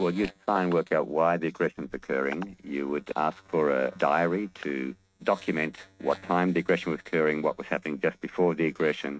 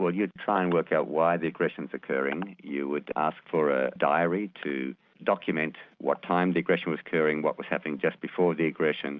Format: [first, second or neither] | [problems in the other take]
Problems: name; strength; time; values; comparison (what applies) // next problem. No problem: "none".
second | noise reduction (neural mask model RNNoise)